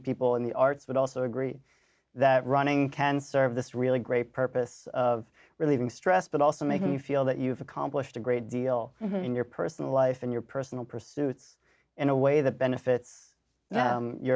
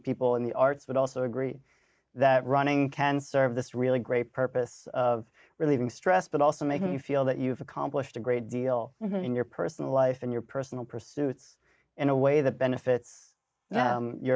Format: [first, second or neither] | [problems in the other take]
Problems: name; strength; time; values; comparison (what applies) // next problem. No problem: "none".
first | noise reduction (neural mask model Resemble Enhance denoiser)